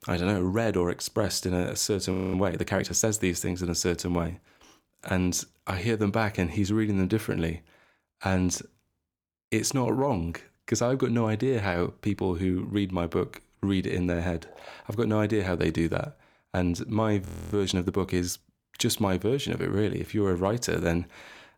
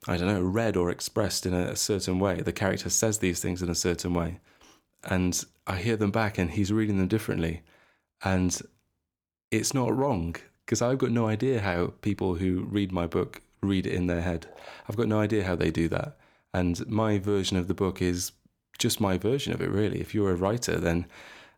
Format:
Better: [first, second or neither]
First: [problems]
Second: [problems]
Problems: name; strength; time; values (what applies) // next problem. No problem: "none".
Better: second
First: audio freezing; at 2 s and at 17 s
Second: none